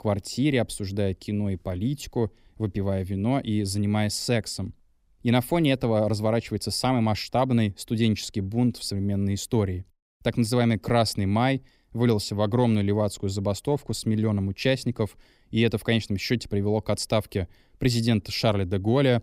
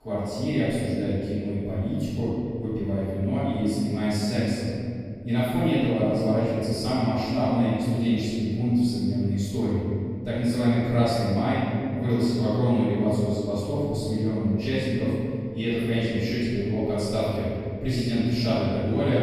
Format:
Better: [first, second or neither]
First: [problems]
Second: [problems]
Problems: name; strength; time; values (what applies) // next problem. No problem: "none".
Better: first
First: none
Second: off-mic speech; far // room echo; strong; dies away in 2.5 s